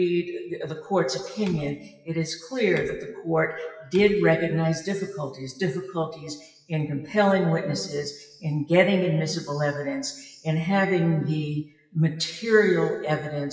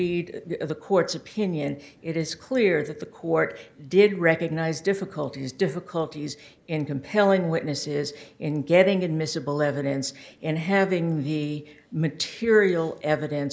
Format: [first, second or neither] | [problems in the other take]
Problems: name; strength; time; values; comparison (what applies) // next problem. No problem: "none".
second | noise reduction (classical method WPE with log-MMSE)